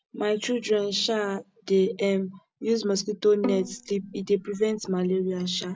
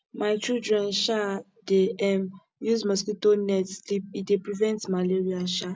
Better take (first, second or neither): second